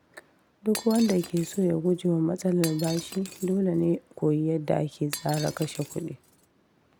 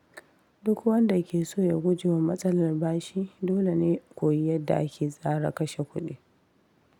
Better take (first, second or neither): second